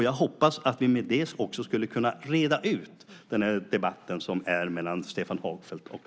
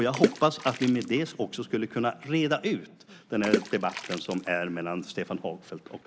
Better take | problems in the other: first | background sound (Water / Splash, splatter); 6 dB below the speech

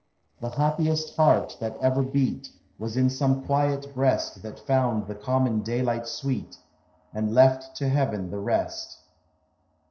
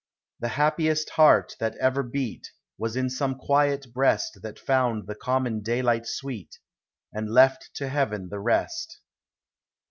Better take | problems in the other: second | noise reduction (neural separator model SepFormer DNS4)

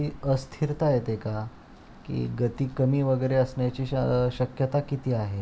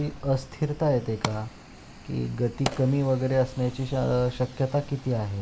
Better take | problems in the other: first | background sound (Fire); 14 dB below the speech

